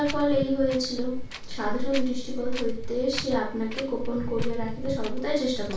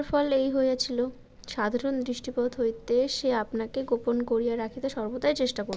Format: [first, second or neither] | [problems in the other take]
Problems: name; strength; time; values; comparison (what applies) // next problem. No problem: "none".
second | background sound (Wind); 15 dB below the speech // room echo; dies away in 0.3 s